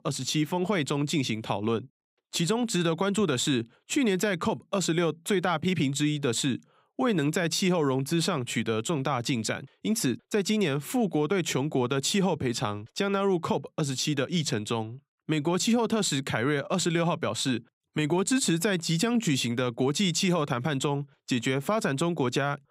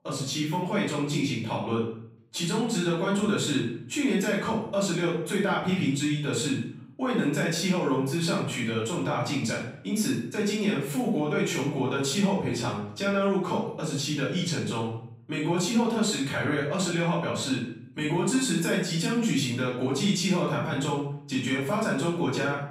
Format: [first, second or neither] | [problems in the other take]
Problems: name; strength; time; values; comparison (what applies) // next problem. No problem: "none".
first | off-mic speech; far // room echo; noticeable; dies away in 0.5 s